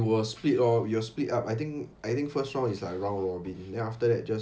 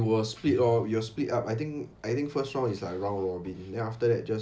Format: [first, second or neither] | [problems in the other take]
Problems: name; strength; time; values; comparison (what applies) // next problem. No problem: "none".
first | background sound (Bowed string instrument); 20 dB below the speech